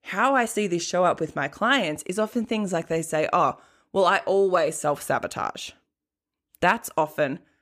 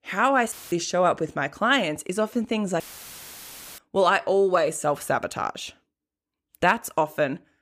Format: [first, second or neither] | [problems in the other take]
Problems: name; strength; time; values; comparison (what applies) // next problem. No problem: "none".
first | audio cutting out; filled with static; at 0.5 s and at 3 s for 1 s